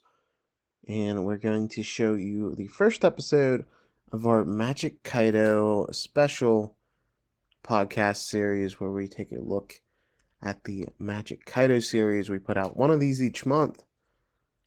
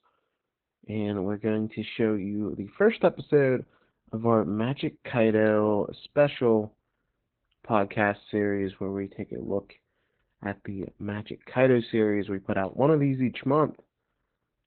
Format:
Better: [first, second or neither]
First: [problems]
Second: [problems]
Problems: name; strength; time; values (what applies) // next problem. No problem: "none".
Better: first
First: garbled, watery; slightly; nothing above 18.5 kHz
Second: garbled, watery; badly; nothing above 4 kHz